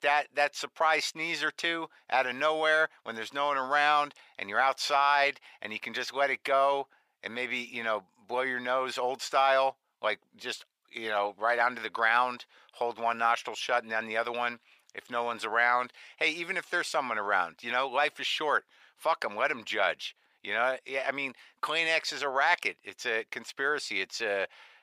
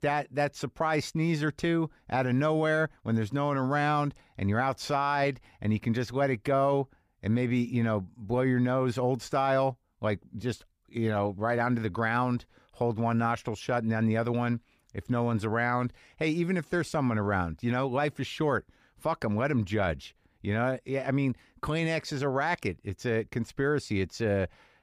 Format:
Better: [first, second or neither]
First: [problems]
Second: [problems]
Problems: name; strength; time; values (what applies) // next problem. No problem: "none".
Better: second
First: thin; very; fading below 750 Hz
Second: none